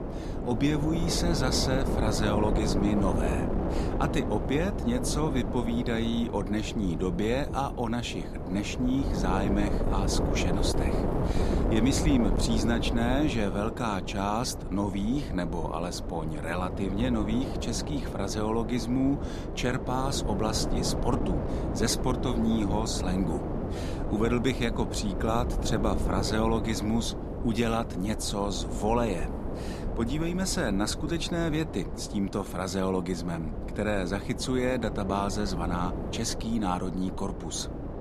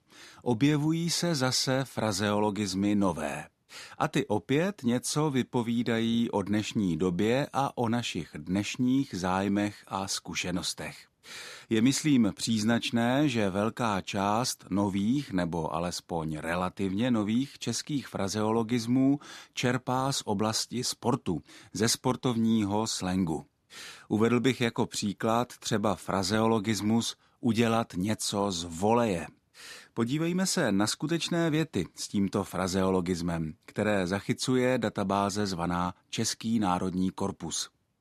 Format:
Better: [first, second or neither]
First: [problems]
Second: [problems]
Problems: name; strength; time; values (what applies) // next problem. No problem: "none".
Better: second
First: wind noise on the microphone; heavy; 5 dB below the speech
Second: none